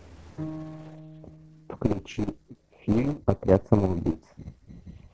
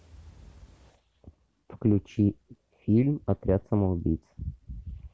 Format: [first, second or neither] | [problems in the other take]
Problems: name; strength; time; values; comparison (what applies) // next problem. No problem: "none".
second | noise reduction (neural separator model SepFormer DNS4)